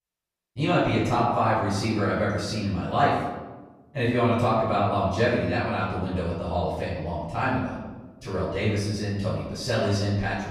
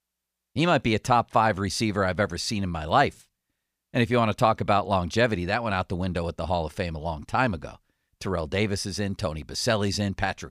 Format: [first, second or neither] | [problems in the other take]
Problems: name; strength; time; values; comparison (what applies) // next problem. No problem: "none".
second | off-mic speech; far // room echo; noticeable; dies away in 1.2 s